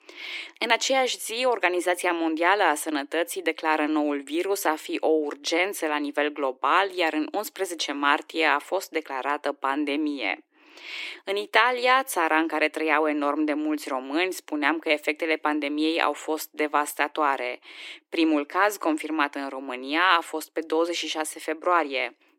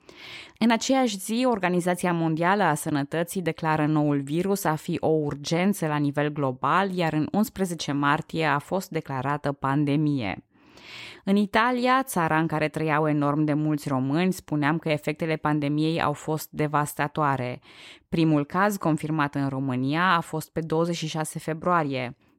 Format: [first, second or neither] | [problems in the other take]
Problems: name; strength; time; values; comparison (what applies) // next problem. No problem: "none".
second | thin; somewhat; fading below 300 Hz